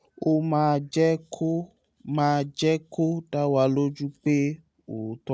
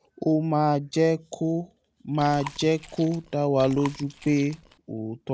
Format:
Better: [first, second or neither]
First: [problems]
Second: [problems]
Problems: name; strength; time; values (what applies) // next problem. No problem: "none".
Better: first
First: none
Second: background sound (Chewing, mastication); 17 dB below the speech